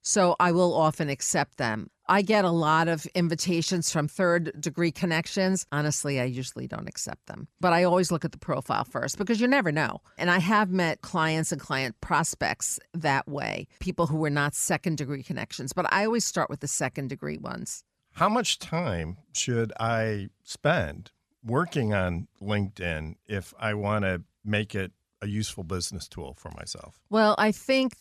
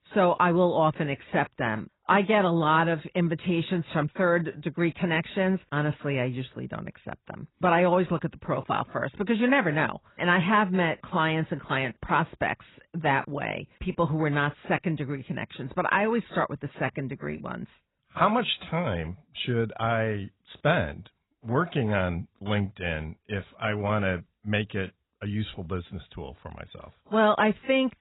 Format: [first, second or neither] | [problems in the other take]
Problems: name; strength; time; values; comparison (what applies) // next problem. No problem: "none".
first | garbled, watery; badly; nothing above 4 kHz